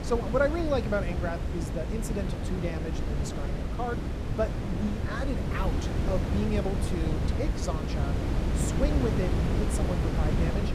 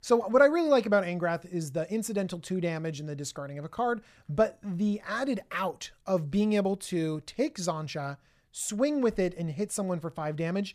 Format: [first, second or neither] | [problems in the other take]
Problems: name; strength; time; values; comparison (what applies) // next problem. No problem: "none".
second | wind noise on the microphone; heavy; 3 dB below the speech